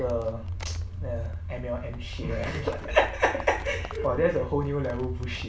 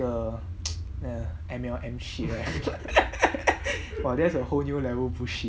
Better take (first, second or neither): second